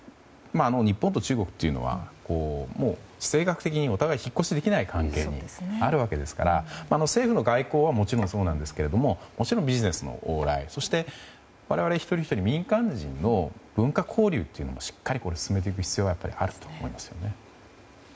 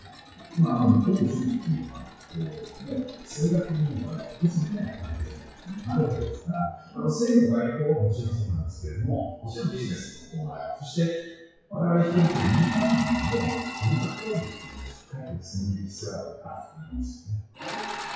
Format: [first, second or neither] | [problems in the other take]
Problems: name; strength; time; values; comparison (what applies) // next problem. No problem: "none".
first | noise reduction (classical method WPE with log-MMSE)